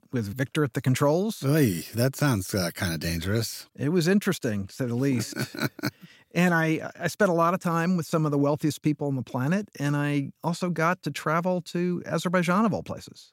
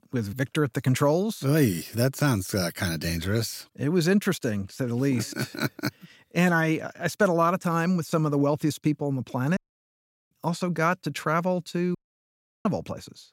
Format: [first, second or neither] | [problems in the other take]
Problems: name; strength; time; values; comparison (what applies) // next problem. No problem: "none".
first | audio cutting out; at 9.5 s for 0.5 s and at 12 s for 0.5 s